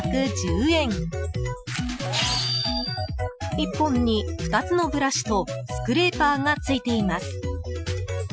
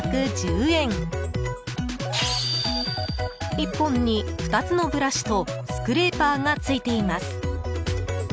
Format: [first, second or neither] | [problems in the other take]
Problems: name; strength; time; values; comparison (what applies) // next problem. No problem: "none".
second | noise reduction (classical method Wiener filter)